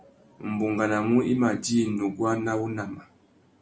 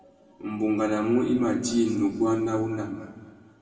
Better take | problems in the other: first | room echo; dies away in 1.8 s

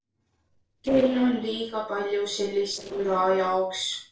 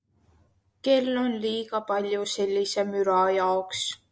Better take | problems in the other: second | noise reduction (neural separator model SepFormer DNS4)

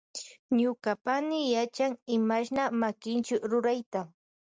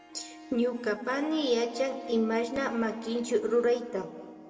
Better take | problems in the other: first | background sound (Harp); 16 dB below the speech // room echo; dies away in 2.2 s

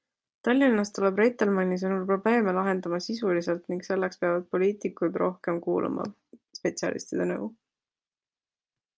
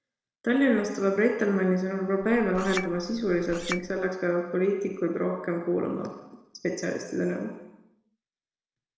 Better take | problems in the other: first | background sound (Chink, clink); 11 dB below the speech // room echo; dies away in 1 s

